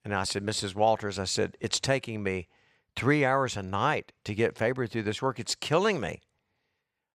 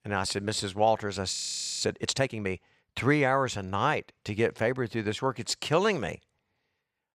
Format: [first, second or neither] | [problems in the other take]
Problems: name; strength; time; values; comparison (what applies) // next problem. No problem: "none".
first | audio freezing; at 1.5 s